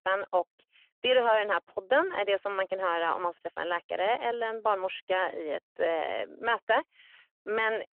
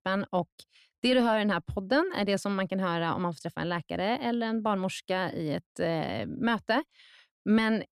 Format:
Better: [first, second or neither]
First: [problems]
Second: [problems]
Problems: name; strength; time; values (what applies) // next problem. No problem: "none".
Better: second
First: phone-call audio; nothing above 3 kHz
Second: none